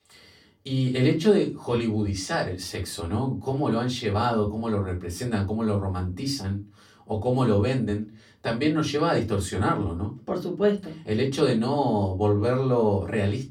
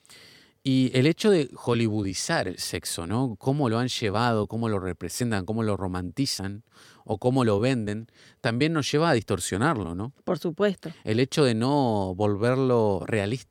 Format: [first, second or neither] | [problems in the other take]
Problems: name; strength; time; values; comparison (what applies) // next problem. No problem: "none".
second | off-mic speech; far // room echo; very slight; dies away in 0.2 s